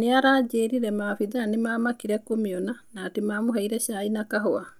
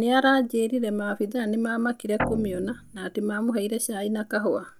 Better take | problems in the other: first | background sound (Guitar); 7 dB below the speech

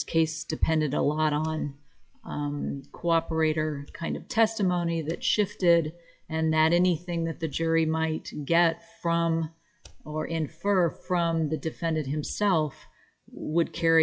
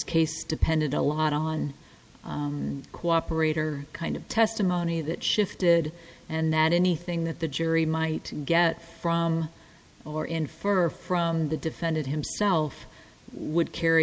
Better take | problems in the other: second | noise reduction (classical method log-MMSE)

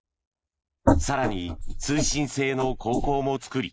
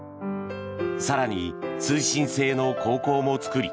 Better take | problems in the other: second | noise reduction (neural mask model Resemble Enhance denoiser)

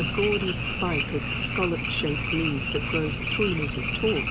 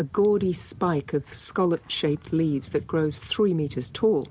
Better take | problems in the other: second | background sound (Frog); 1 dB above the speech

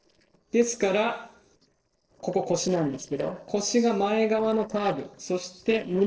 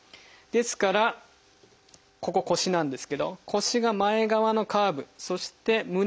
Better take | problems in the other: second | noise reduction (neural separator model SepFormer DNS4)

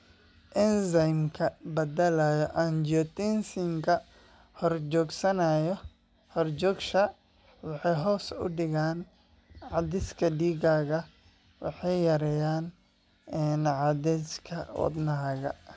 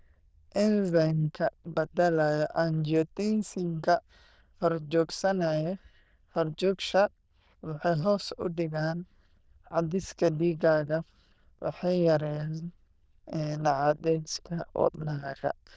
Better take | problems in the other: first | noise reduction (neural diffusion model UNIVERSE++)

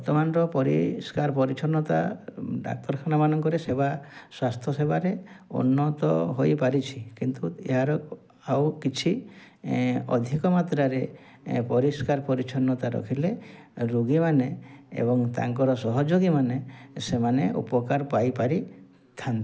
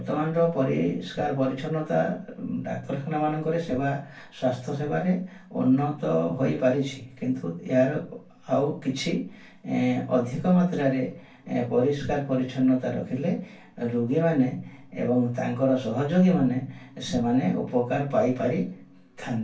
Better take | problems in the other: first | room echo; dies away in 0.2 s

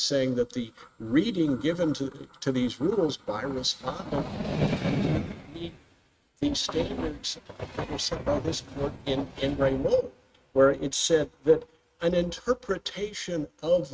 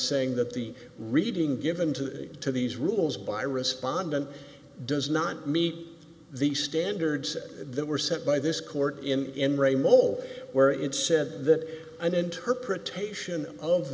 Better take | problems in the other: second | noise reduction (neural mask model RNNoise)

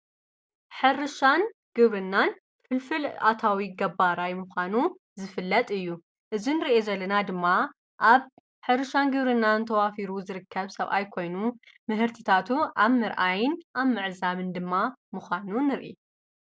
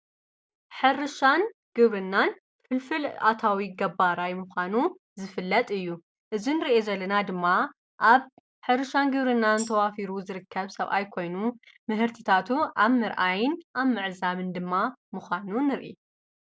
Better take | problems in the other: first | background sound (Tambourine); 17 dB below the speech

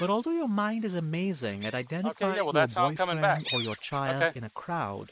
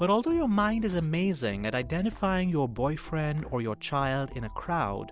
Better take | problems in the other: second | noise reduction (neural mask model Resemble Enhance denoiser)

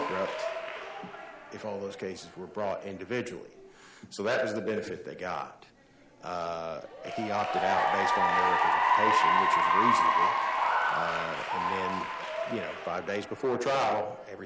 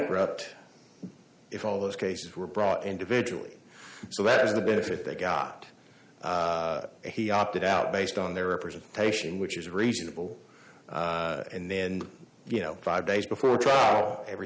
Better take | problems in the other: second | background sound (Applause / Cheering); 4 dB above the speech

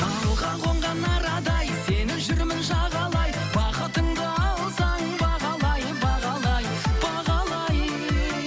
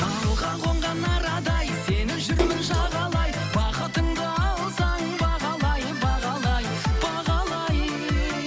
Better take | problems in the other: first | background sound (Splash, splatter); 10 dB below the speech

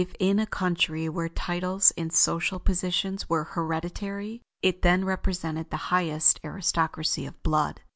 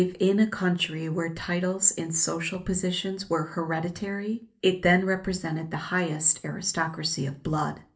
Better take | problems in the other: first | room echo; dies away in 0.3 s

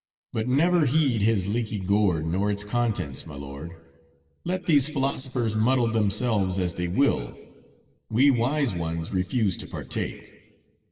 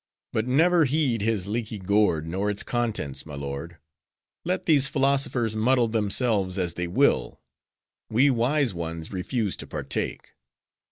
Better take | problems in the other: second | noise reduction (neural separator model SepFormer DNS4)

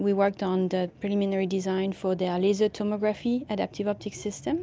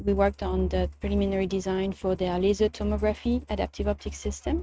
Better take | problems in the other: first | noise reduction (neural mask model RNNoise)

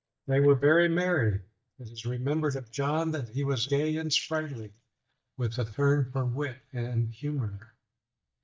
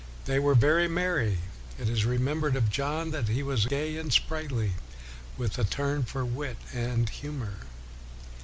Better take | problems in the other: second | noise reduction (neural mask model DeepFilterNet 3)

